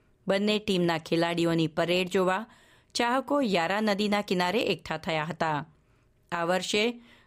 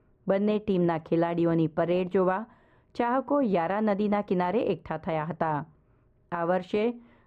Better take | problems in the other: first | muffled; very; fading above 3 kHz

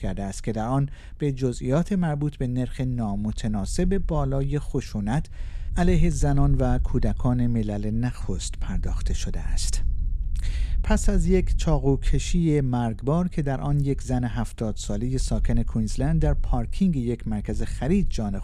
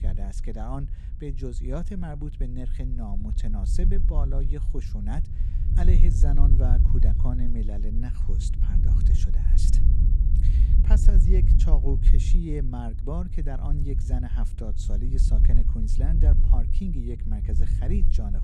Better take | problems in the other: first | low rumble; loud; throughout; 4 dB below the speech; faint in the first

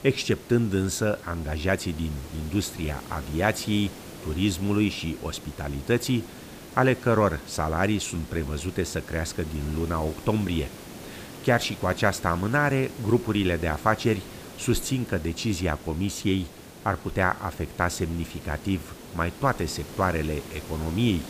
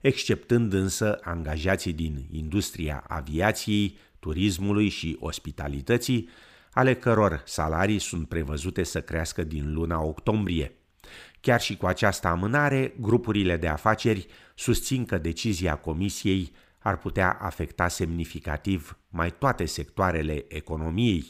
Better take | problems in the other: second | hiss; noticeable; throughout; 15 dB below the speech

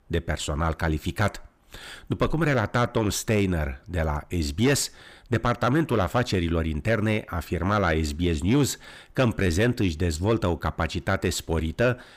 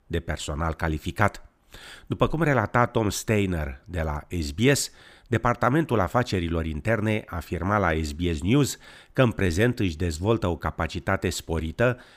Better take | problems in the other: second | distortion; slight; 10 dB below the speech

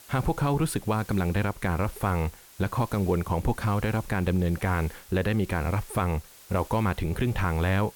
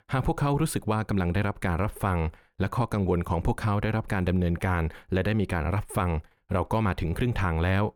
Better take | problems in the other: second | hiss; faint; throughout; 20 dB below the speech

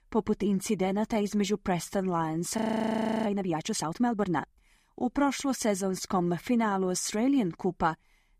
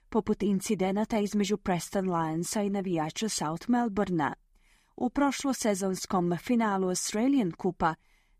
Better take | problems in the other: second | audio freezing; at 2.5 s for 0.5 s

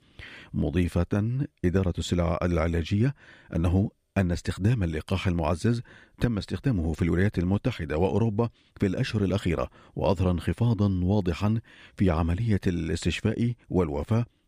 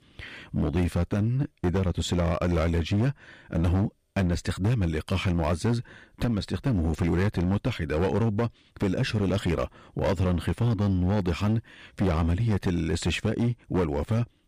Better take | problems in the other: first | distortion; slight; 14% of the sound clipped

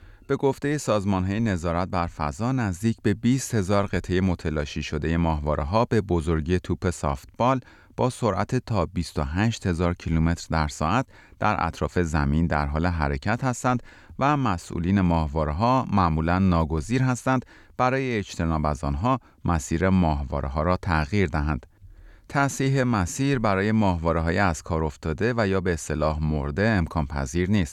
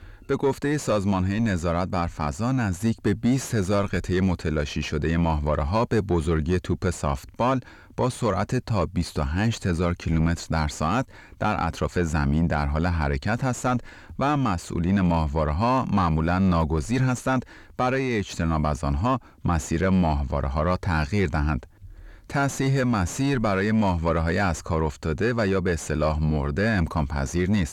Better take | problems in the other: first | distortion; slight; 10 dB below the speech

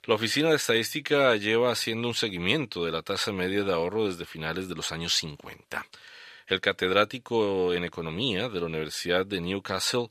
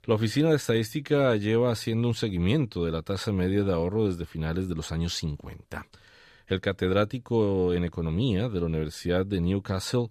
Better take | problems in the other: second | thin; somewhat; fading below 750 Hz

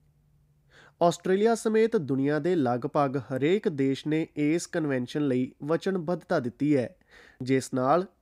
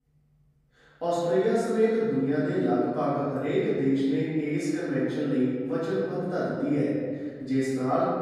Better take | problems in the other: first | off-mic speech; far // room echo; strong; dies away in 1.4 s

